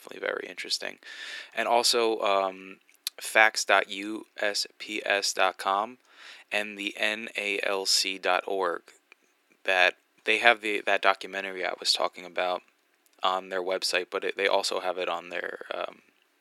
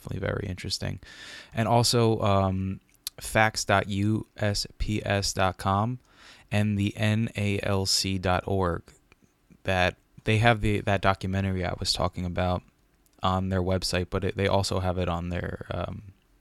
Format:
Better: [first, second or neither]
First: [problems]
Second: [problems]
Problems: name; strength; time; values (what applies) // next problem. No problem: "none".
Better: second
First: thin; very; fading below 350 Hz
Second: none